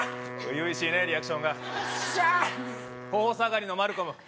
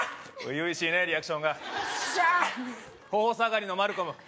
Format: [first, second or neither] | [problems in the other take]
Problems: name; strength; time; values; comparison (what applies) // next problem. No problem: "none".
second | background sound (Wind instrument, woodwind instrument); 11 dB below the speech